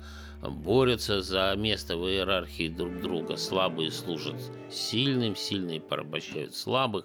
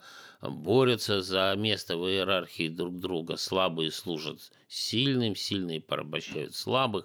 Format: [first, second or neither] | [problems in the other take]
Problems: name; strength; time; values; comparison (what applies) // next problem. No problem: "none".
second | background music; noticeable; throughout; 15 dB below the speech